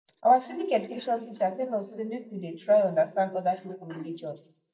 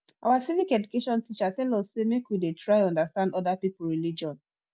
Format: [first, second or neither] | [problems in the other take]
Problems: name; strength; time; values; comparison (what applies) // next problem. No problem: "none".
second | noise reduction (neural mask model DeepFilterNet 3)